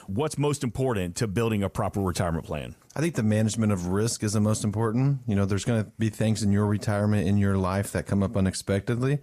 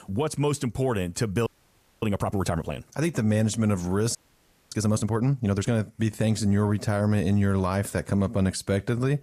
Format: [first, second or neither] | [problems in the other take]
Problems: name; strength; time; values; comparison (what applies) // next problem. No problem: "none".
first | audio freezing; at 1.5 s for 0.5 s and at 4 s for 0.5 s